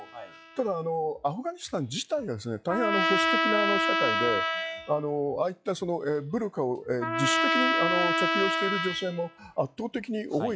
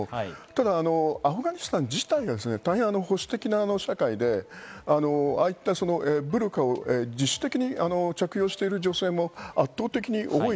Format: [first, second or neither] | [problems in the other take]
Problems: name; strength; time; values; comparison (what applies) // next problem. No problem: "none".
second | noise reduction (classical method log-MMSE)